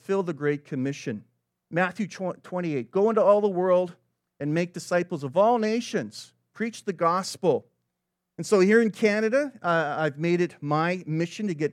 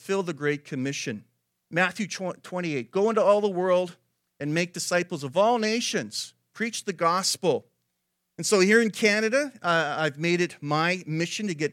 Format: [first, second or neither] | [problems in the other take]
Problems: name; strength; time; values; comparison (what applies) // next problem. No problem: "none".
second | muffled; slightly; fading above 2 kHz